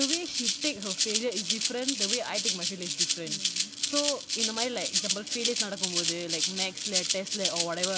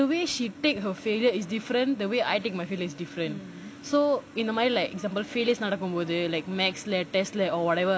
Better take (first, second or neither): second